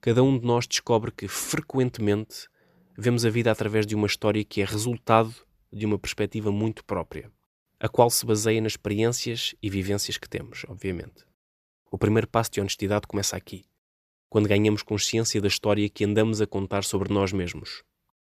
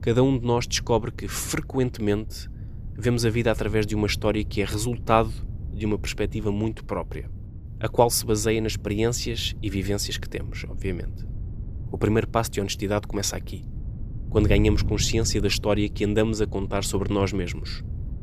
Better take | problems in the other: first | wind noise on the microphone; occasional gusts; 20 dB below the speech

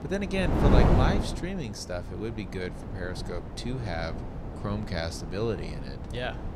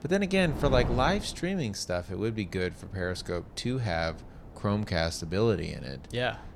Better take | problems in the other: second | wind noise on the microphone; heavy; 2 dB below the speech; occasional gusts in the second

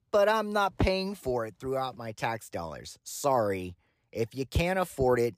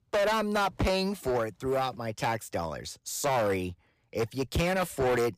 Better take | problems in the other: first | distortion; heavy; 14% of the sound clipped

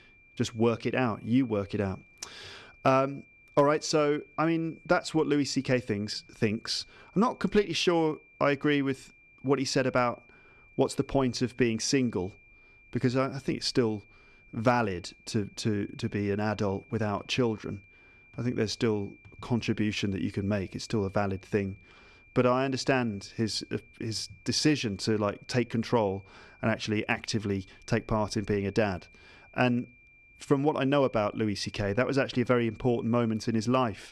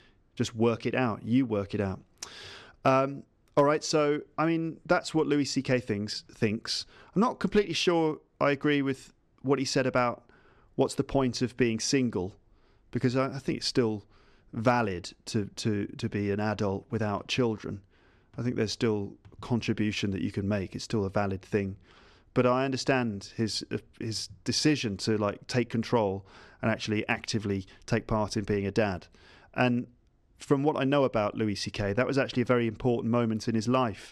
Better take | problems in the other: second | high-pitched whine; faint; throughout; 2.5 kHz, 25 dB below the speech

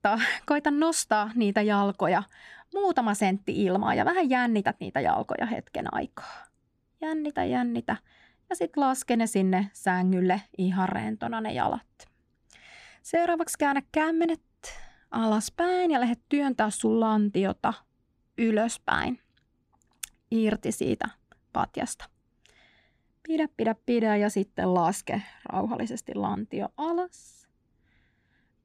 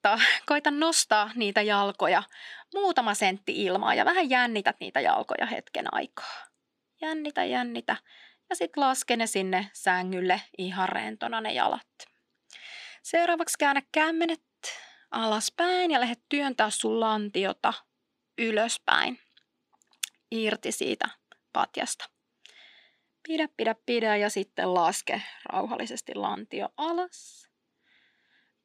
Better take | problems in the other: first | thin; somewhat; fading below 350 Hz

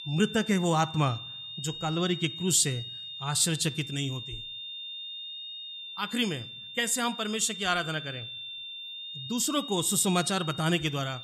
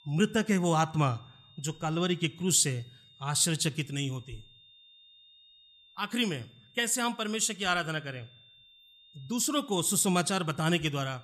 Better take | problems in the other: second | high-pitched whine; loud; throughout; 3.5 kHz, 10 dB below the speech; faint in the second

